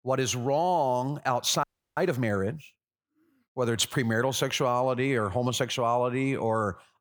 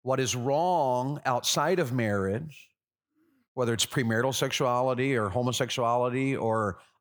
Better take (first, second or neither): second